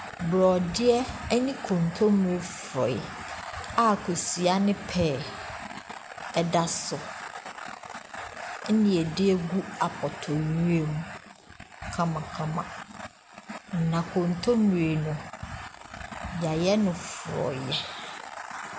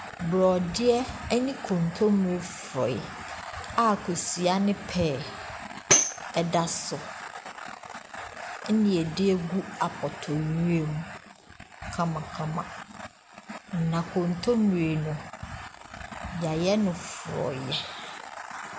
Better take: first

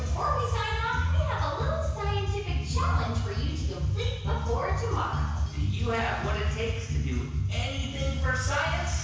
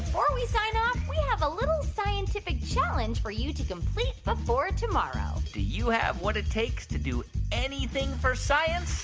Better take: second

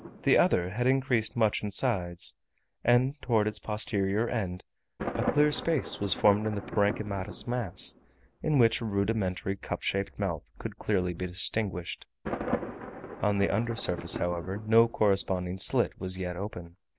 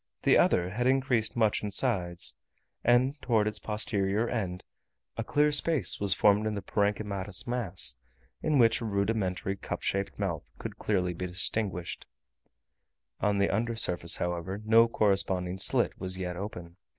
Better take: second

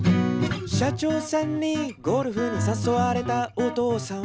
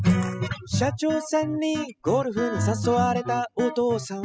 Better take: first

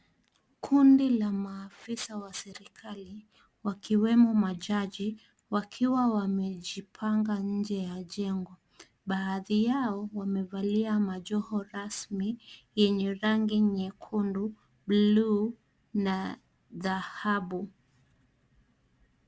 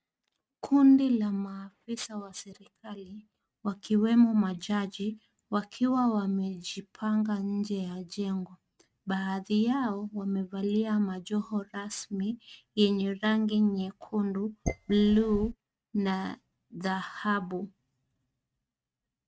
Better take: first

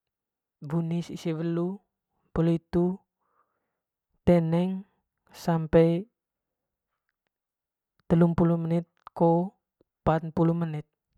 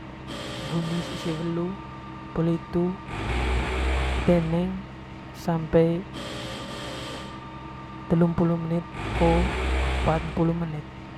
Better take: first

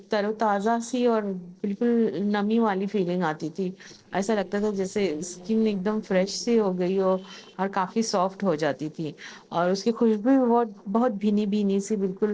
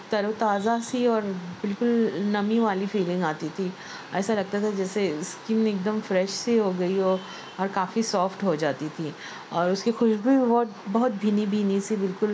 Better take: second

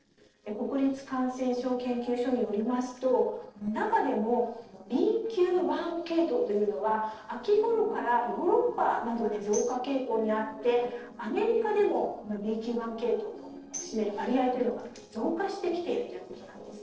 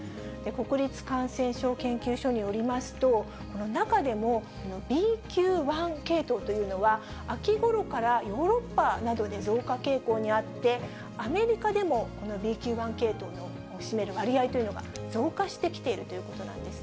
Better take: second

